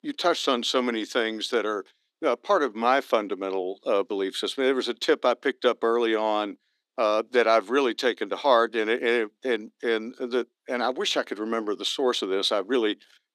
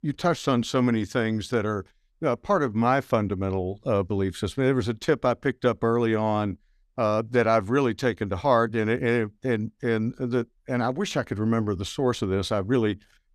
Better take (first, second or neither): second